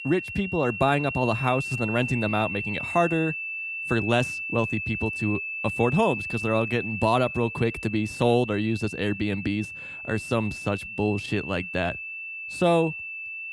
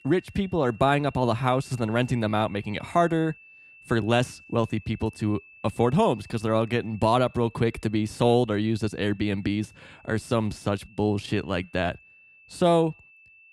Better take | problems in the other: second | high-pitched whine; loud; throughout; 2.5 kHz, 6 dB below the speech; faint in the second

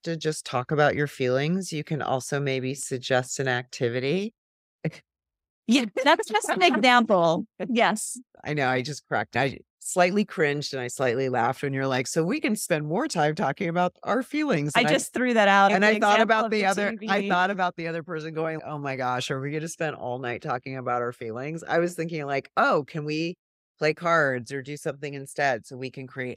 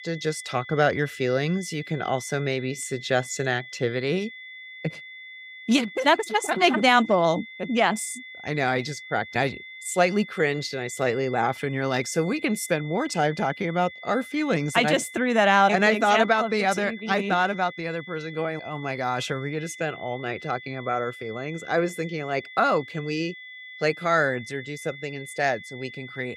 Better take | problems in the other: first | high-pitched whine; noticeable; throughout; 2 kHz, 15 dB below the speech

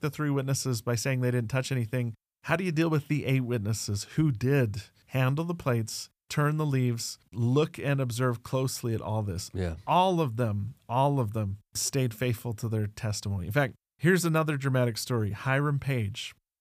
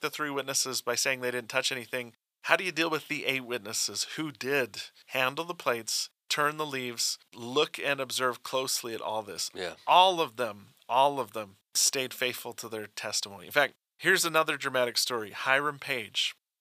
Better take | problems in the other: first | thin; very; fading below 550 Hz

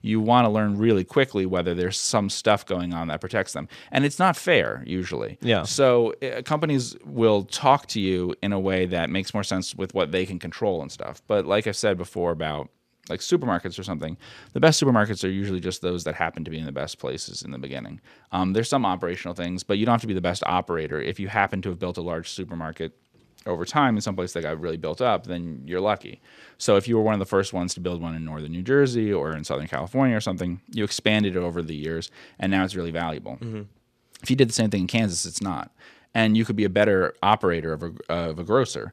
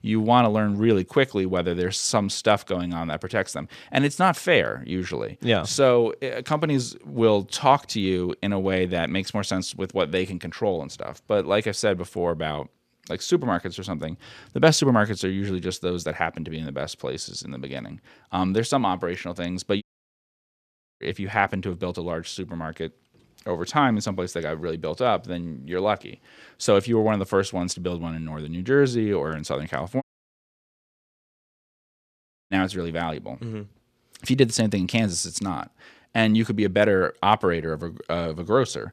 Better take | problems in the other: first | audio cutting out; at 20 s for 1 s and at 30 s for 2.5 s

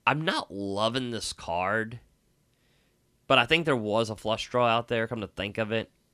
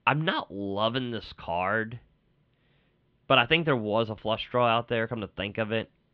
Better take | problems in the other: first | muffled; slightly; fading above 3.5 kHz

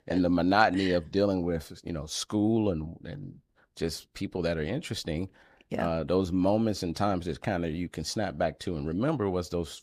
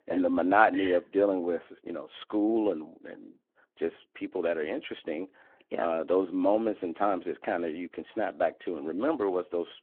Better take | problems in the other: first | phone-call audio

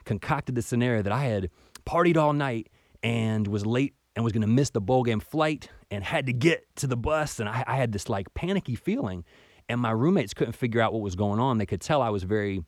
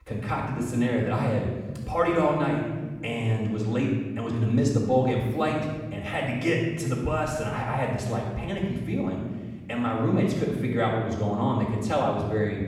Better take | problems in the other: first | off-mic speech; far // room echo; noticeable; dies away in 1.5 s

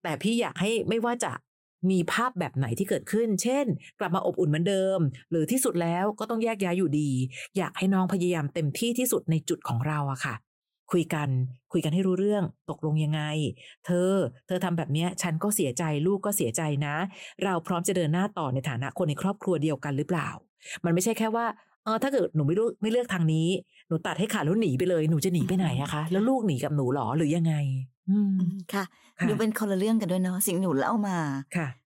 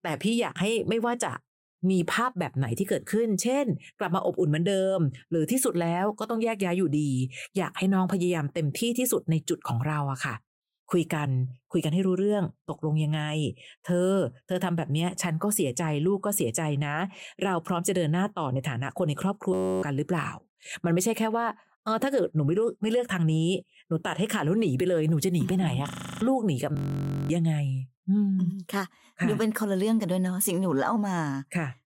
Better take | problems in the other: first | audio freezing; at 20 s, at 26 s and at 27 s for 0.5 s

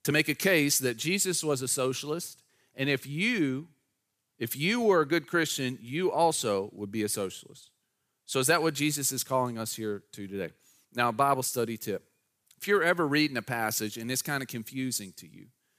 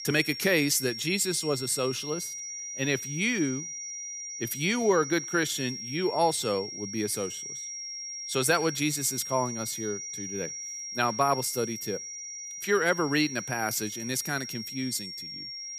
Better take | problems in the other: first | high-pitched whine; loud; throughout; 5.5 kHz, 7 dB below the speech

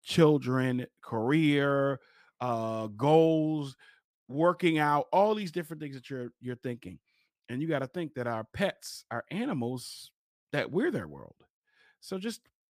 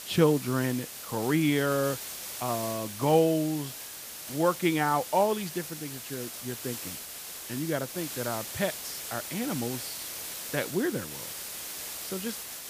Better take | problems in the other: first | hiss; loud; throughout; 7 dB below the speech

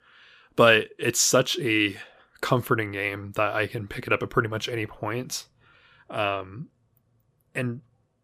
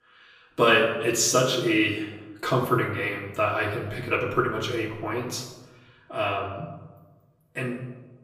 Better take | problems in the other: first | off-mic speech; far // room echo; noticeable; dies away in 0.9 s

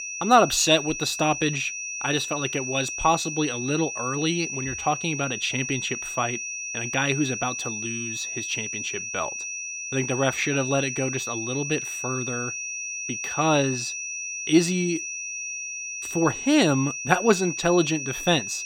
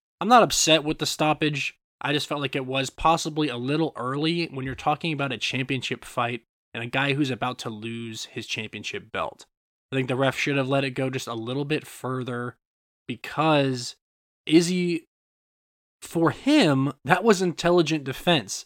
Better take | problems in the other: second | high-pitched whine; loud; throughout; 2.5 kHz, 5 dB below the speech

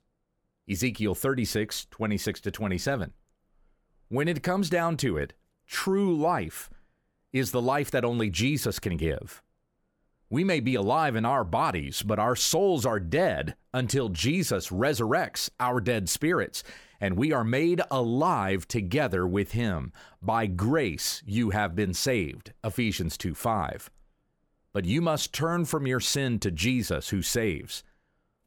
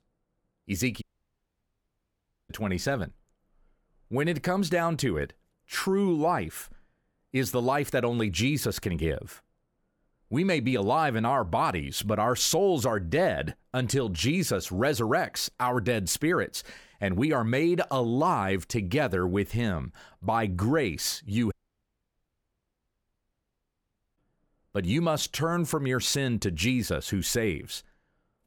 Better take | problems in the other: first | audio cutting out; at 1 s for 1.5 s and at 22 s for 2.5 s

